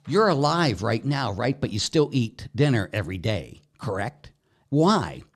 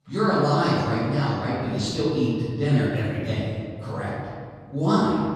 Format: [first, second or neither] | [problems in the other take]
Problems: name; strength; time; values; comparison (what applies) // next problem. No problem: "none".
first | room echo; strong; dies away in 1.9 s // off-mic speech; far